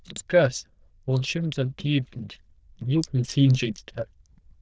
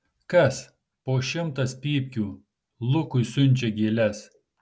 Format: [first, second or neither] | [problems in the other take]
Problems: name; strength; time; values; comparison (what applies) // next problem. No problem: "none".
second | noise reduction (neural diffusion model UNIVERSE++)